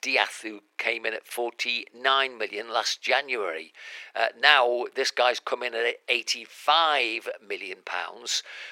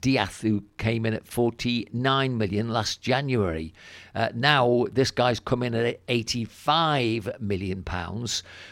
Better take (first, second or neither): second